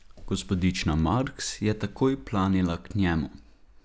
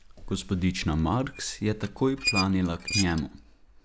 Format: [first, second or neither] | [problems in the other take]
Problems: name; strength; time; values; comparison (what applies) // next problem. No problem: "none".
first | background sound (Squeak); 7 dB below the speech